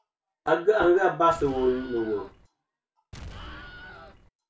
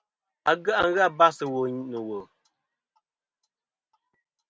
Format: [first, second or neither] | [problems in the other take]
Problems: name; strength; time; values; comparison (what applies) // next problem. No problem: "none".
second | background sound (Explosion); 15 dB below the speech // room echo; dies away in 0.3 s